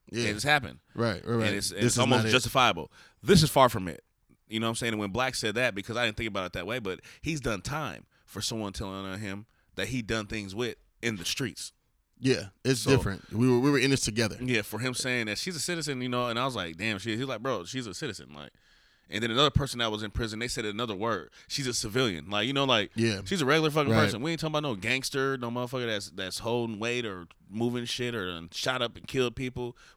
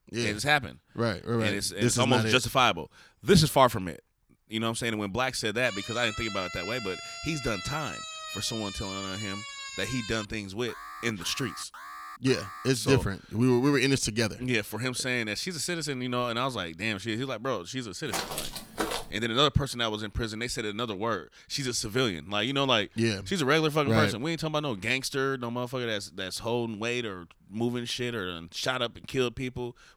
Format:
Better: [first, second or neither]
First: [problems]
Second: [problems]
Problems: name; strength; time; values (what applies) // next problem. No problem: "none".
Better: first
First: none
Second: siren; noticeable; from 5.5 to 10 s; peak 8 dB below the speech // alarm; faint; from 11 to 13 s; peak 15 dB below the speech // footsteps; noticeable; from 18 to 19 s; peak 3 dB below the speech